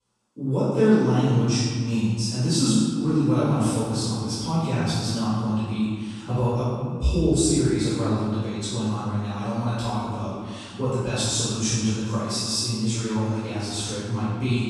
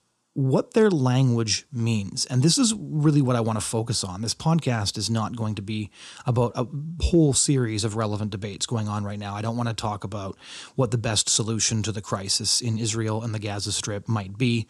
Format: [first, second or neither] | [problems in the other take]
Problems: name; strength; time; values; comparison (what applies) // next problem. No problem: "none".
second | room echo; strong; dies away in 1.8 s // off-mic speech; far